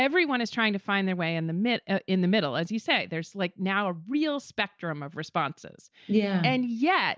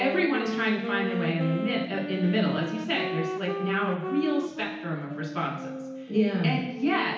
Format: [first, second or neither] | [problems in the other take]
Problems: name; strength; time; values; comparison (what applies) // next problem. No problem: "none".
first | background sound (Wind instrument, woodwind instrument); 6 dB below the speech // room echo; dies away in 0.9 s